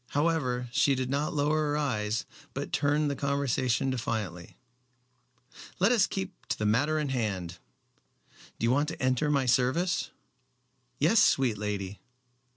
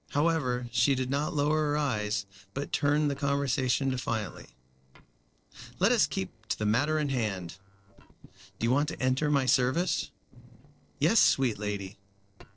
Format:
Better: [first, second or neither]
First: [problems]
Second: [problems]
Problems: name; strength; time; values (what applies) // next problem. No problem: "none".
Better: first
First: none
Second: noise reduction (neural separator model SepFormer DNS4)